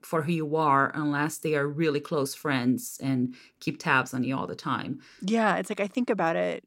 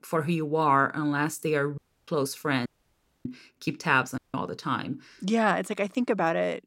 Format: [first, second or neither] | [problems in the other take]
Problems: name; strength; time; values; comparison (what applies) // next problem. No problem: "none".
first | audio cutting out; at 2 s, at 2.5 s for 0.5 s and at 4 s